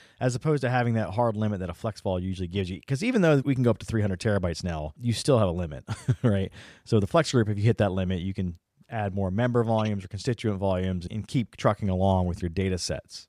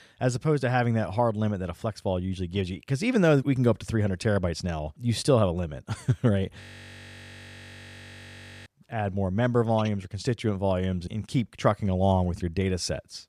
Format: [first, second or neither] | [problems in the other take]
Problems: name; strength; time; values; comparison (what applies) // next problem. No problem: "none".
first | audio freezing; at 6.5 s for 2 s